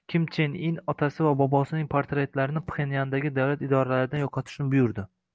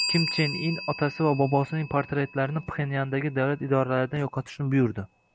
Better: first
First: none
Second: background sound (Bell); 11 dB below the speech

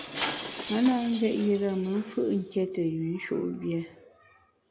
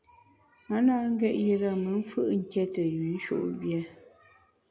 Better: second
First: background sound (Shatter); 12 dB below the speech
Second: none

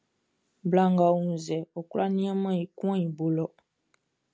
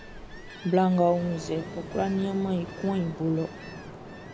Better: first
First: none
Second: background sound (Ocean); 12 dB below the speech

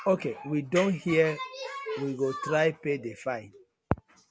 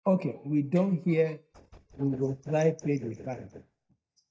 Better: first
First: none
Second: noise reduction (neural mask model DeepFilterNet 3)

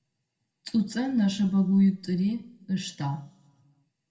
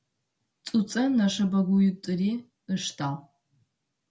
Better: second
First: room echo; dies away in 0.7 s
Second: none

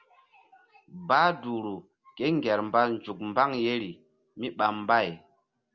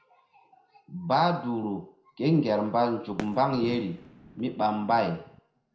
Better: first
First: none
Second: background sound (Fireworks); 15 dB below the speech // room echo; dies away in 0.5 s

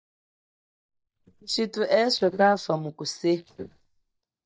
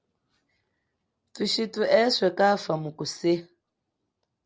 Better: second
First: noise reduction (neural mask model DeepFilterNet 3)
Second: none

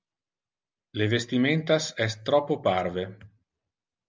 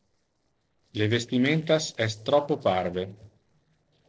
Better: first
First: none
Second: noise reduction (neural separator model SepFormer DNS4)

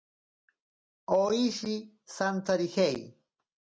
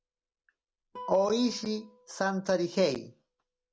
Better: first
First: none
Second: background sound (Guitar); 20 dB below the speech

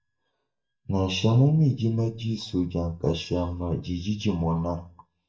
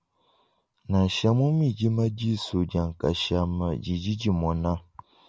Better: second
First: noise reduction (neural mask model DeepFilterNet 3)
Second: none

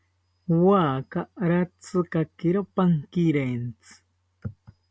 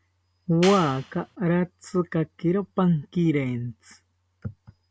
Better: first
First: none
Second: background sound (Clapping); 10 dB below the speech

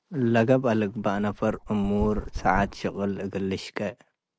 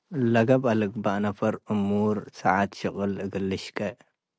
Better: second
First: background sound (Dog); 12 dB below the speech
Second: none

